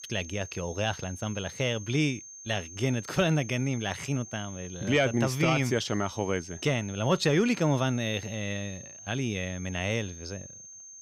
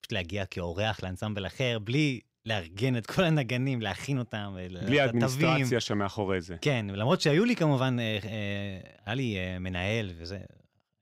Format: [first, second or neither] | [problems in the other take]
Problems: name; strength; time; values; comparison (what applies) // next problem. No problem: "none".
second | high-pitched whine; noticeable; throughout; 6.5 kHz, 15 dB below the speech